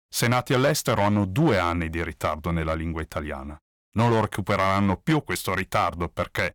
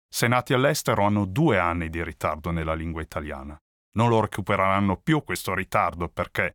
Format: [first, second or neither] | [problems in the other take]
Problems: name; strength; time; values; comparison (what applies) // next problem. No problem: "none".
second | distortion; slight; 5% of the sound clipped